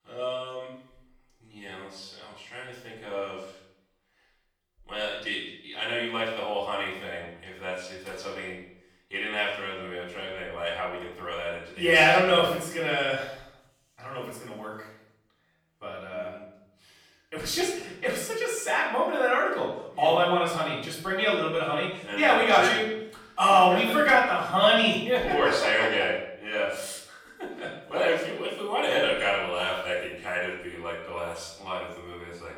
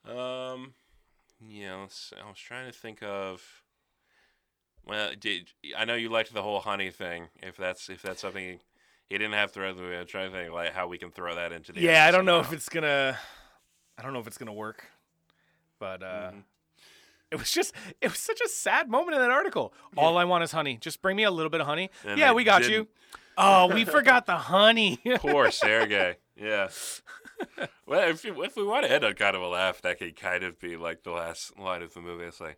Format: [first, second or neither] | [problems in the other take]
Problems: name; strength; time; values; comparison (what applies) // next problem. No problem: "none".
second | off-mic speech; far // room echo; noticeable; dies away in 0.6 s